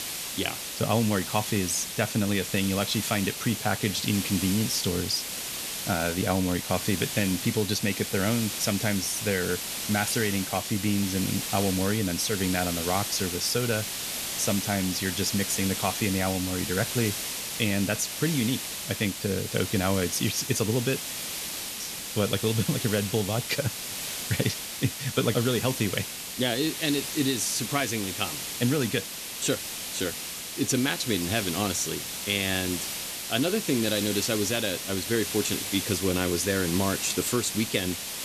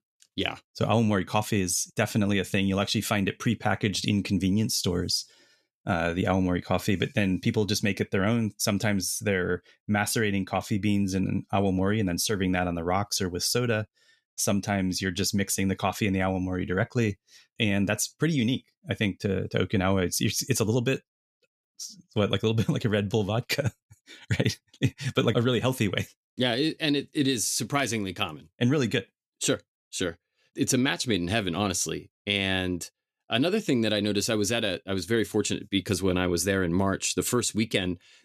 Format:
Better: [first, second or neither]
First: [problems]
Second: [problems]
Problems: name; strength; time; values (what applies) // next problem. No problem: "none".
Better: second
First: hiss; loud; throughout; 4 dB below the speech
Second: none